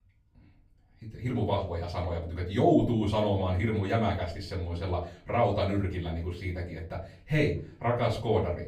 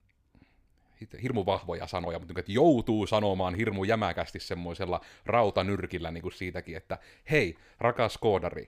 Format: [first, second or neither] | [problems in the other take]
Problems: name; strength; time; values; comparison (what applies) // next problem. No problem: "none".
second | off-mic speech; far // room echo; slight; dies away in 0.4 s